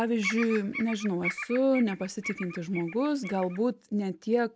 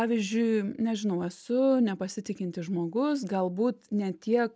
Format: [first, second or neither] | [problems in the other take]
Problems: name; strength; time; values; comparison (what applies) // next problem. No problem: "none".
second | background sound (Bird vocalization, bird call, bird song); 10 dB below the speech